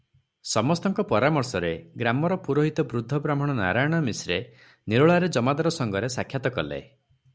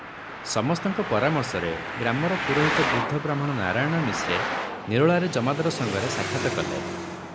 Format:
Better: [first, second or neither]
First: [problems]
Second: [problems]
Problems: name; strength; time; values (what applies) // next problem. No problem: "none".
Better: first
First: none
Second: background sound (Traffic noise, roadway noise); 4 dB below the speech